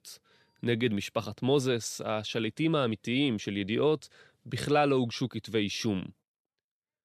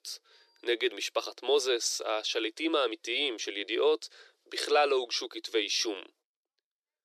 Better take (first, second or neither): first